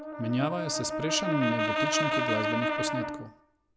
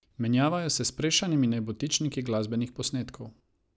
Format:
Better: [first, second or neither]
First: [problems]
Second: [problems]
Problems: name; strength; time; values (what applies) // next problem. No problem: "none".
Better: second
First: background sound (Brass instrument); 2 dB above the speech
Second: none